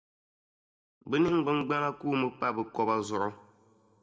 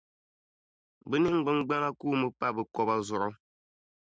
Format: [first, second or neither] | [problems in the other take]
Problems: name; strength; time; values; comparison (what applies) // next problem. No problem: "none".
second | room echo; dies away in 1.6 s